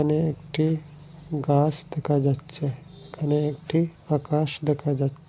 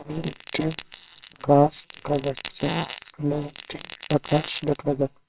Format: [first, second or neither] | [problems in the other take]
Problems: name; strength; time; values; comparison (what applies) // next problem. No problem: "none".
first | noise reduction (neural separator model SepFormer WHAMR!)